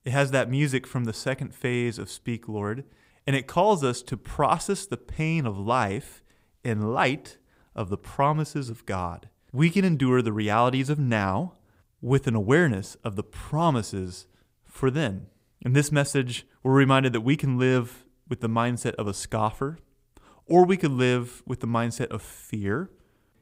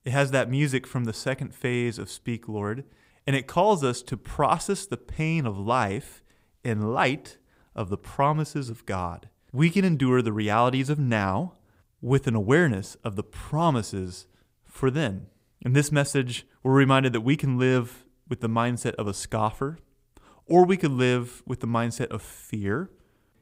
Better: neither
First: none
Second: none

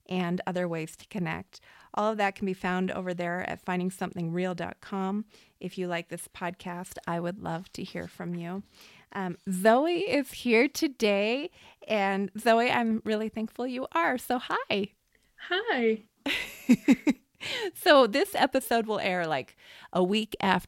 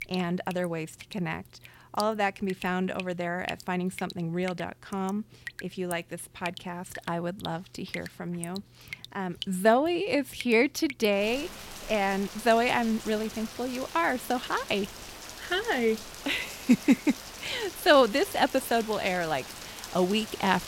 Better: first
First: none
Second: rain or running water; noticeable; throughout; 15 dB below the speech

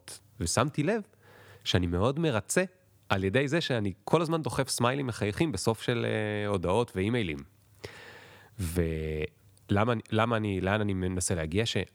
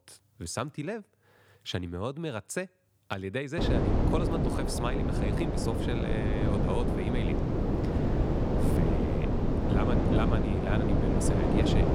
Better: first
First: none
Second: wind noise on the microphone; heavy; from 3.5 s on; 3 dB above the speech

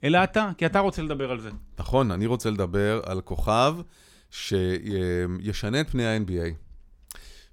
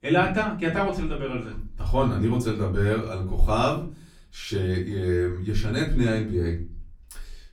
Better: first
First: none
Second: room echo; slight; dies away in 0.4 s // off-mic speech; far

